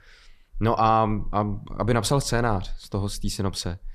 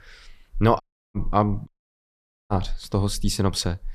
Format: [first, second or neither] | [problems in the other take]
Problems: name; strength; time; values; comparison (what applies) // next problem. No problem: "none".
first | audio cutting out; at 1 s and at 1.5 s for 1 s